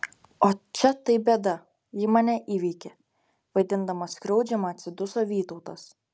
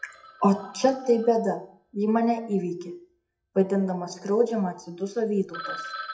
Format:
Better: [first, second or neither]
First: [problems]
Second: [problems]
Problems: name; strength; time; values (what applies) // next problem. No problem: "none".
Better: first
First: none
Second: noise reduction (classical method WPE with log-MMSE)